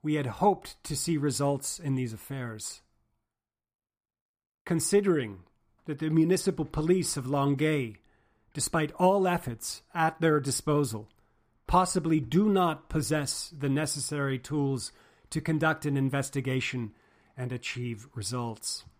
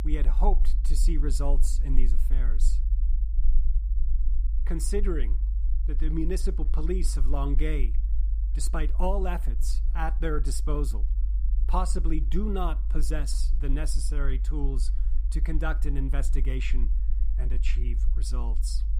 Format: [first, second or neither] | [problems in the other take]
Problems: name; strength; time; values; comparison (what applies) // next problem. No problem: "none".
first | low rumble; noticeable; throughout; 15 dB below the speech